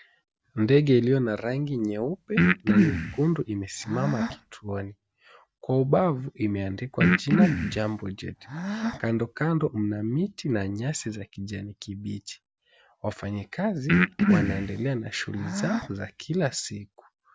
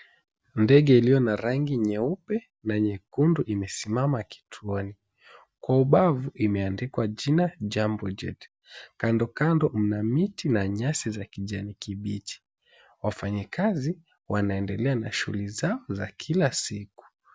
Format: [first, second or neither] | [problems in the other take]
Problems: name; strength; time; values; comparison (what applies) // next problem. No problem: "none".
second | background sound (Breathing); 1 dB above the speech